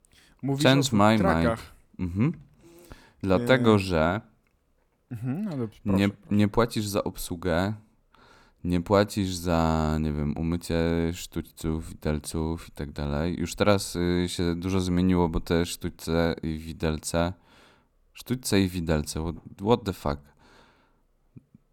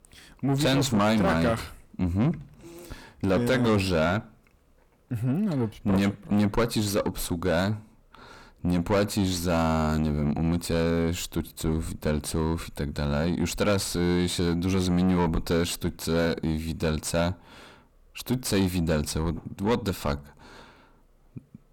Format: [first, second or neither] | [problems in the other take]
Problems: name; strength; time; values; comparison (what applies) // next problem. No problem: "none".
first | distortion; heavy; 5 dB below the speech